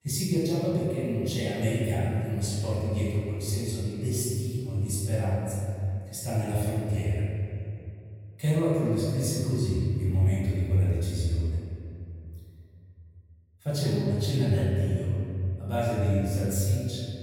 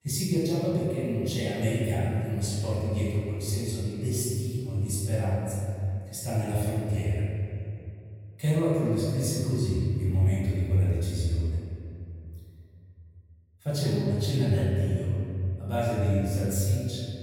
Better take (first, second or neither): neither